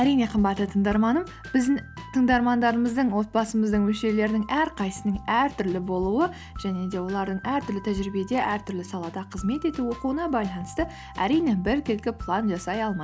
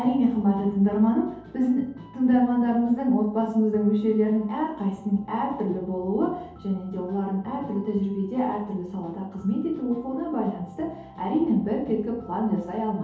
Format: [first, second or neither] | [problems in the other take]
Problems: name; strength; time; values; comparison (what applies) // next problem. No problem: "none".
first | room echo; dies away in 0.8 s